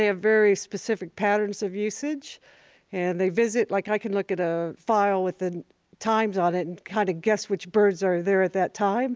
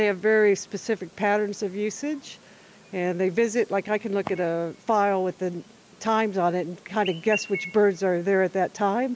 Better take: first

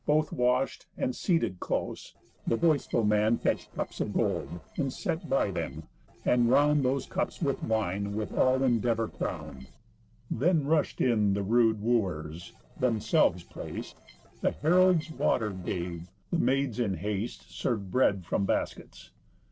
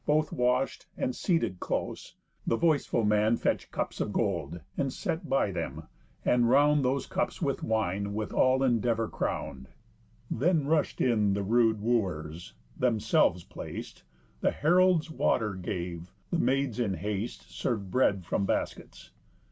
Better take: second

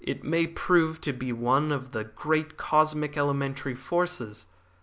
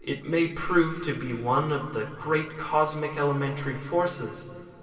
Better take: first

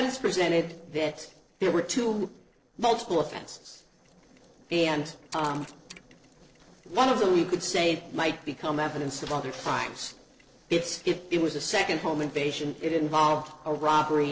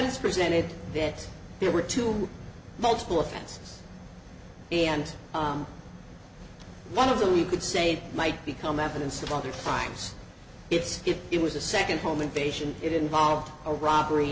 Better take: second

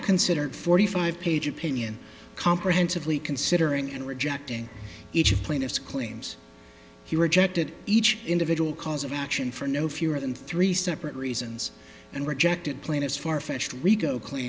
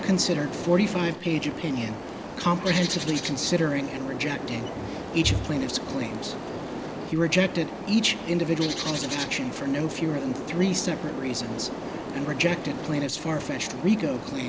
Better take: first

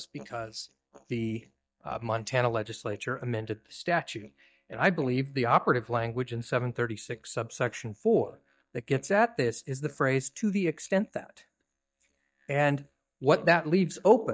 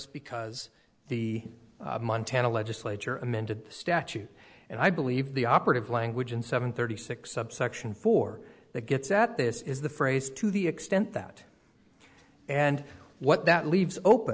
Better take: second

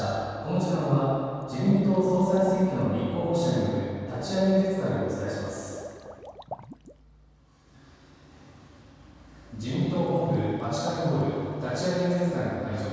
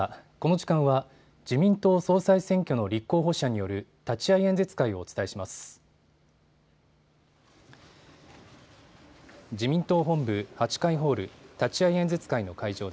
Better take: second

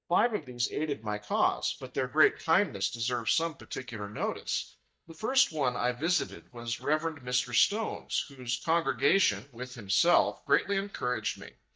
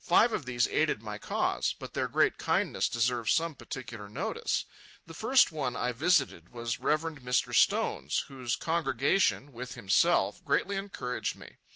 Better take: second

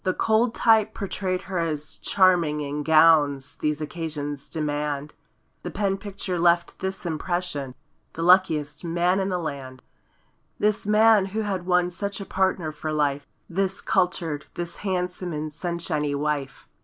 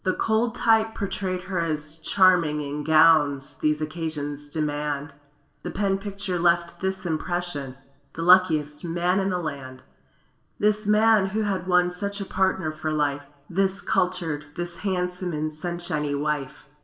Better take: first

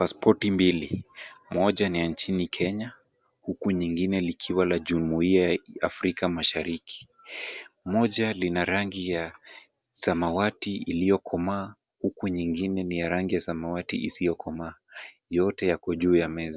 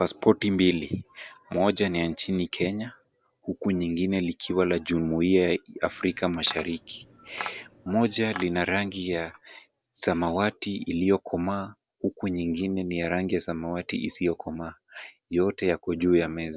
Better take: first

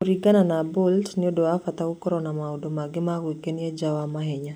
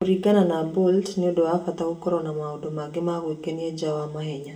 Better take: first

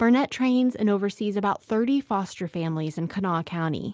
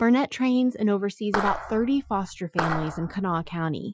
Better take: first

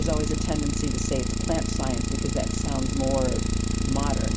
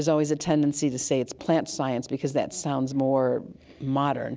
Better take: second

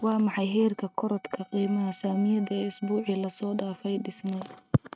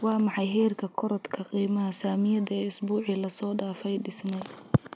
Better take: second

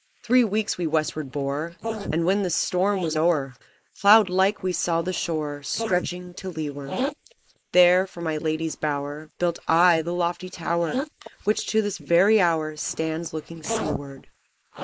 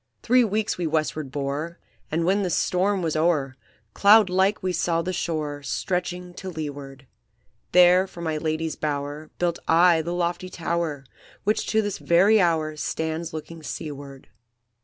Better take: second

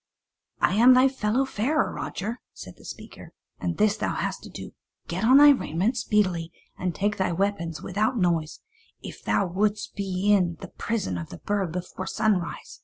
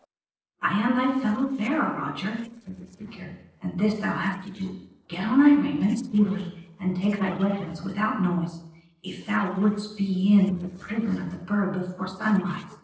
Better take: first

